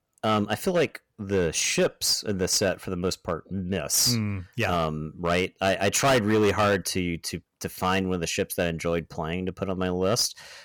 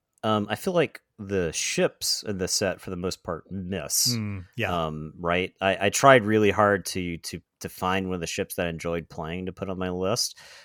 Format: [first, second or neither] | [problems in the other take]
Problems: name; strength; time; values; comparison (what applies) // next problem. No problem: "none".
second | distortion; heavy; 6% of the sound clipped